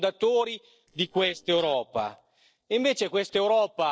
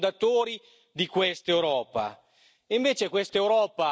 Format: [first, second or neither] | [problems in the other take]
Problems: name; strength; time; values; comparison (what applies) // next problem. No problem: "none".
second | noise reduction (neural separator model SepFormer DNS4)